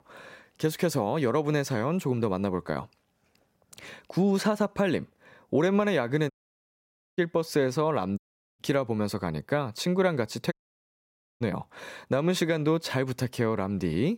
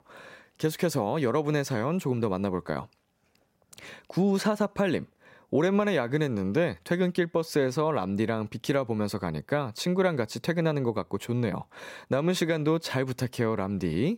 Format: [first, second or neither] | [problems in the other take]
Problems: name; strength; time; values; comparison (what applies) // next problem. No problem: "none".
second | audio cutting out; at 6.5 s for 1 s, at 8 s and at 11 s for 1 s